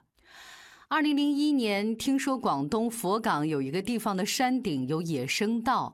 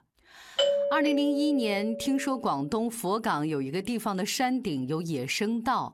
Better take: first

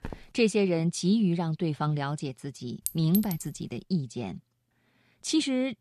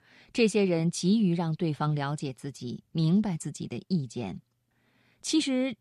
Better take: second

